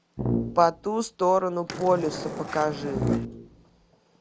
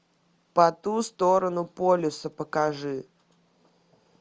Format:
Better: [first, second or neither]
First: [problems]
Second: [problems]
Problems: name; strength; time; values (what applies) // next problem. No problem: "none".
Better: second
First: background sound (Brass instrument + Skateboard); 5 dB below the speech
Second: none